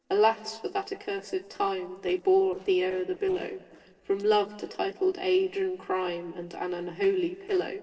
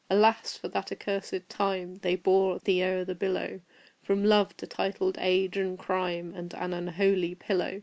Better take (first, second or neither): second